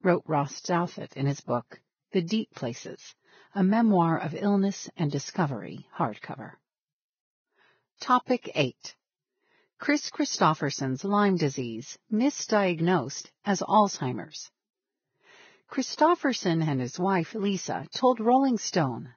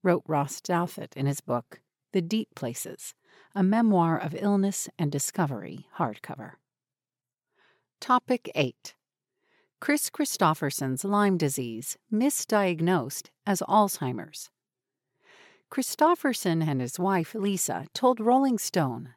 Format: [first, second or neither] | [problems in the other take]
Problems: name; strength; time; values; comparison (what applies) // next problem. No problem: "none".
second | garbled, watery; badly; nothing above 6.5 kHz